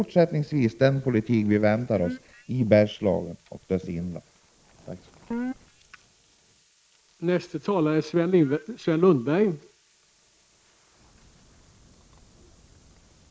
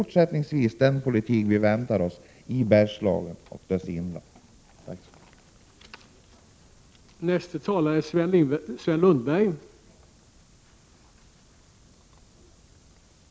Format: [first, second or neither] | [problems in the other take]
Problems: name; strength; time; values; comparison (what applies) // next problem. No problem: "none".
second | noise reduction (neural mask model Resemble Enhance denoiser)